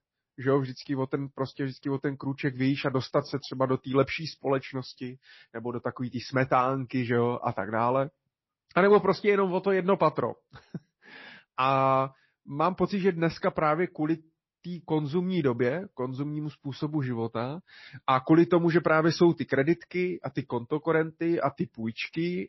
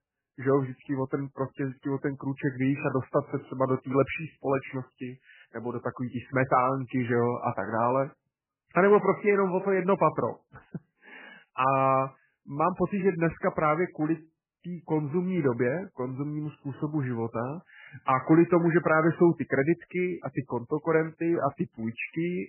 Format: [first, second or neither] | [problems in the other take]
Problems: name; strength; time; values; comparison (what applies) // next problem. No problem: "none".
first | garbled, watery; badly; nothing above 2.5 kHz; slightly in the first